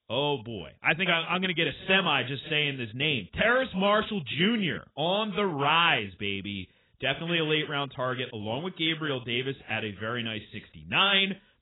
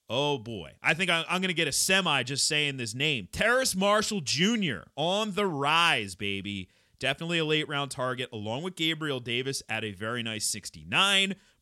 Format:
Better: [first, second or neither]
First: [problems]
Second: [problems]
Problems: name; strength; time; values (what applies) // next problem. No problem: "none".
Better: second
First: garbled, watery; badly; nothing above 3.5 kHz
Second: none